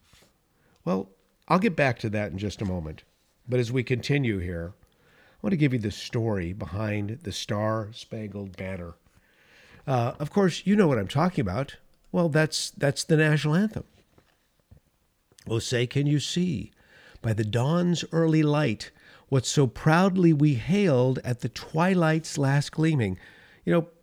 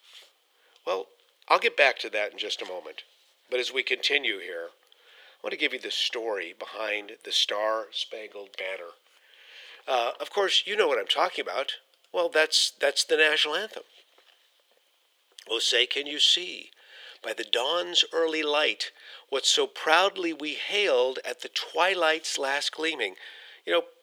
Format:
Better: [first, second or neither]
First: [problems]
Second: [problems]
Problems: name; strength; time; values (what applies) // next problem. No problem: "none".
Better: first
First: none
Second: thin; very; fading below 400 Hz